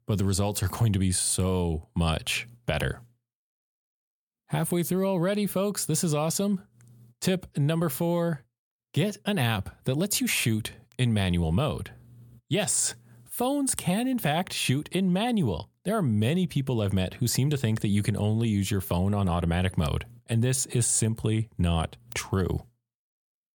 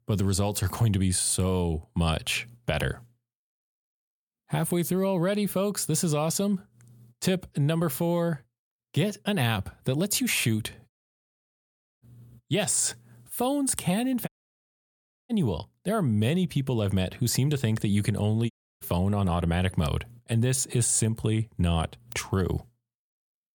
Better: first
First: none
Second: audio cutting out; at 11 s for 1 s, at 14 s for 1 s and at 19 s

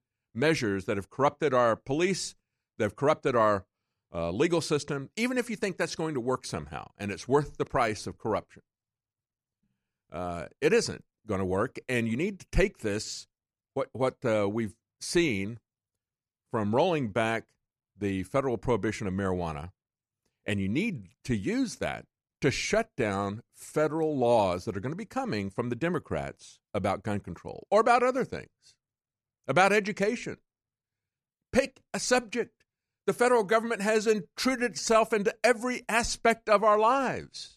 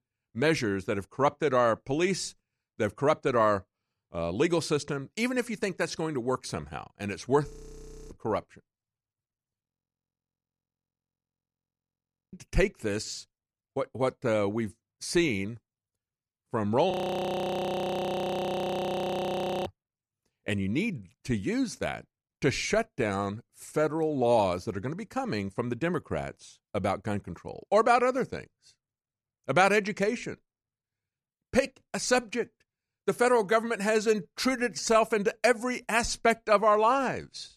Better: first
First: none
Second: audio freezing; at 7.5 s for 0.5 s, at 9.5 s for 2.5 s and at 17 s for 3 s

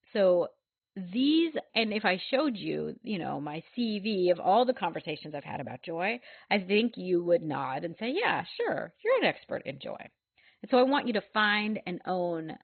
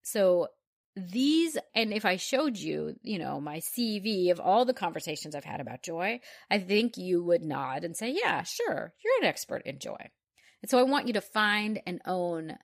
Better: second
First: garbled, watery; badly; nothing above 4 kHz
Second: none

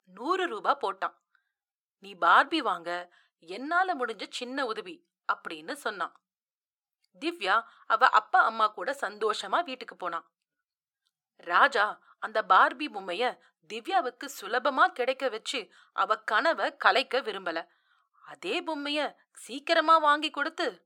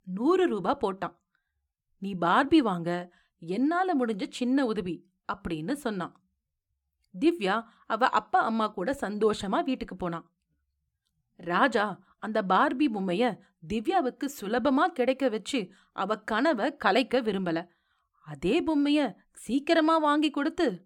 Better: second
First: thin; very; fading below 600 Hz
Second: none

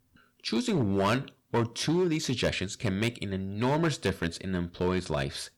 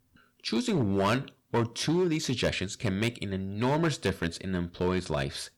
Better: neither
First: distortion; slight; 7% of the sound clipped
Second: distortion; slight; 7% of the sound clipped

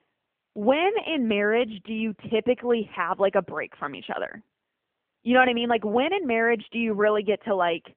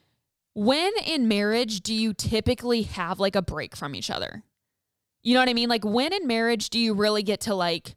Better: second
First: phone-call audio; nothing above 3 kHz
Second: none

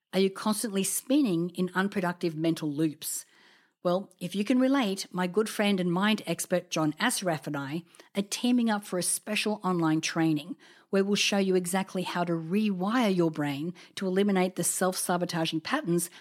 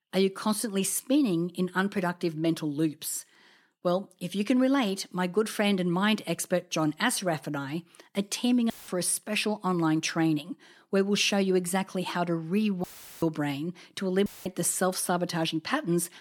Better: first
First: none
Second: audio cutting out; filled with static; at 8.5 s, at 13 s and at 14 s

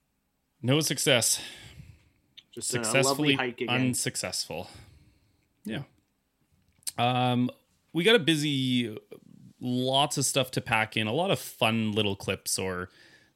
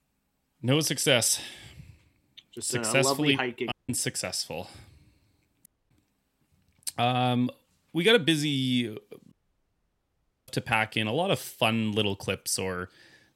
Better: first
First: none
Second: audio cutting out; at 3.5 s, at 5.5 s and at 9.5 s for 1 s

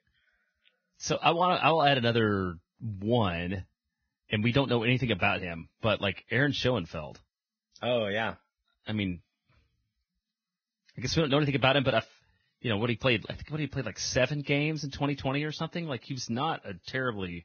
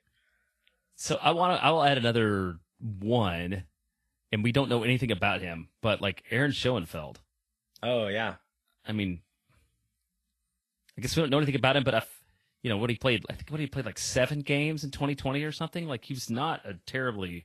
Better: second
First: garbled, watery; badly; nothing above 6.5 kHz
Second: garbled, watery; slightly; nothing above 12.5 kHz

